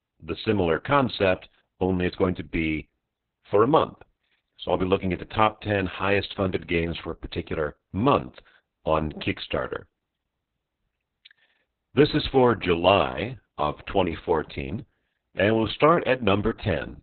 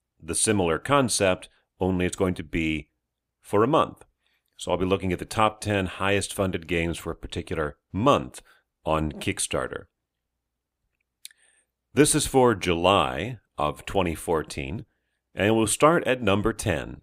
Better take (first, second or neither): second